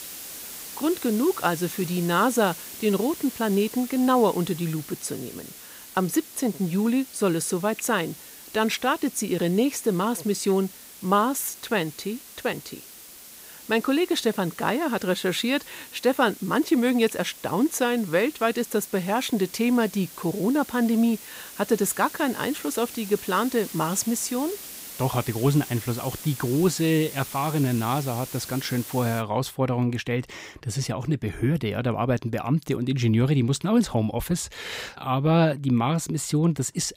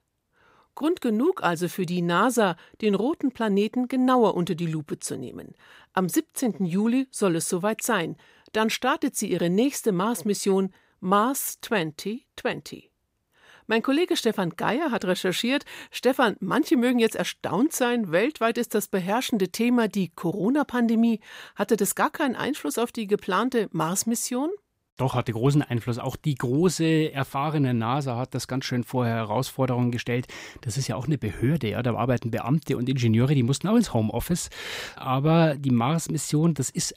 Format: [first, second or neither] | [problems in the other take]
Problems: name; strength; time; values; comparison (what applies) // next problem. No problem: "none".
second | hiss; noticeable; until 29 s; 15 dB below the speech